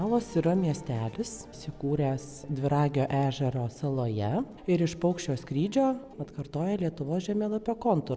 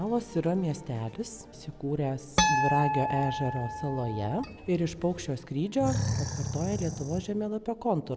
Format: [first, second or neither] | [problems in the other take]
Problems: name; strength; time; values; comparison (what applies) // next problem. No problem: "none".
first | background sound (Harp + Animal); 1 dB below the speech